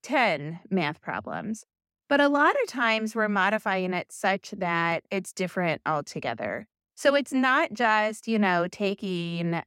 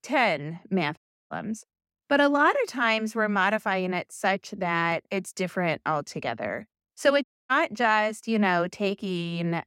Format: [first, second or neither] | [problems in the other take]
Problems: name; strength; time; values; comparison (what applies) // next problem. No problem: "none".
first | audio cutting out; at 1 s and at 7 s